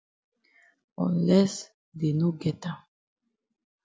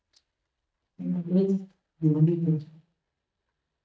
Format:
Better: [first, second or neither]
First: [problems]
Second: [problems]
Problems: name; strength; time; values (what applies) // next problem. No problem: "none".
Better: first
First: none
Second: noise reduction (neural mask model DeepFilterNet 3)